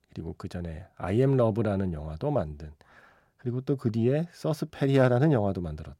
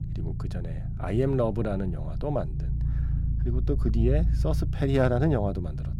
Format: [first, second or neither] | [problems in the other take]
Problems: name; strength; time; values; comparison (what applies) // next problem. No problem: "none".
first | low rumble; noticeable; throughout; 15 dB below the speech